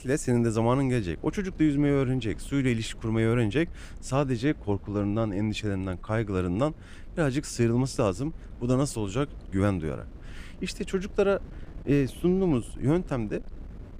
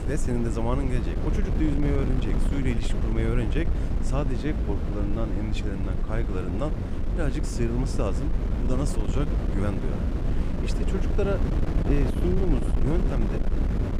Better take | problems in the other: first | wind noise on the microphone; heavy; 3 dB below the speech; occasional gusts in the first

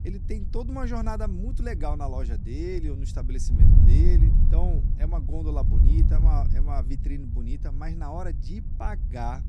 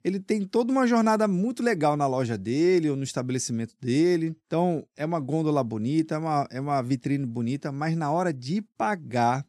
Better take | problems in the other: second | wind noise on the microphone; heavy; 5 dB below the speech

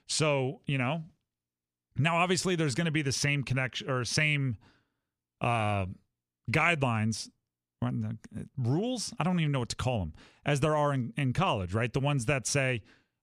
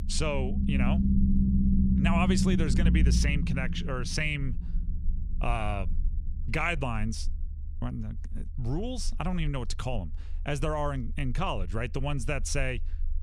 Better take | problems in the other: first | low rumble; loud; throughout; 4 dB below the speech

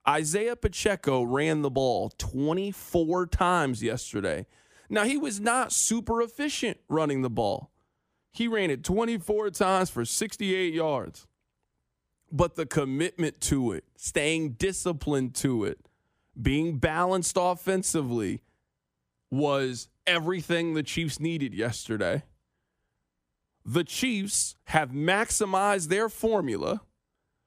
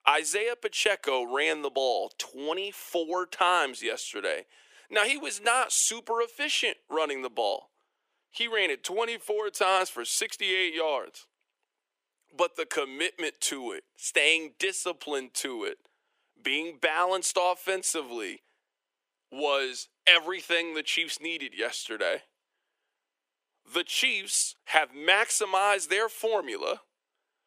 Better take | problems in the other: first | thin; very; fading below 400 Hz

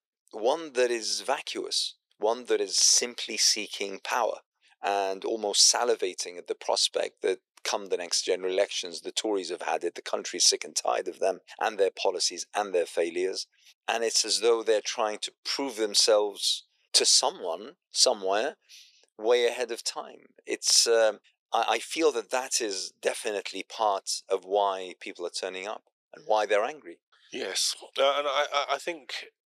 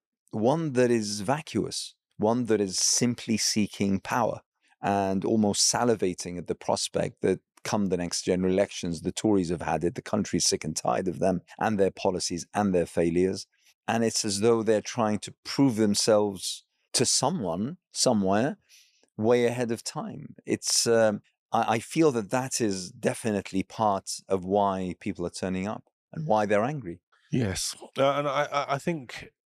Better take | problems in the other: second | thin; very; fading below 400 Hz

